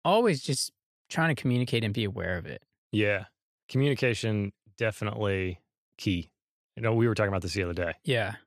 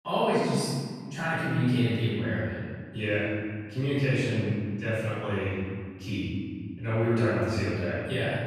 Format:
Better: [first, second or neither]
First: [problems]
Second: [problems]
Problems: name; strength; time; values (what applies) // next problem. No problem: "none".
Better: first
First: none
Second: off-mic speech; far // room echo; strong; dies away in 1.9 s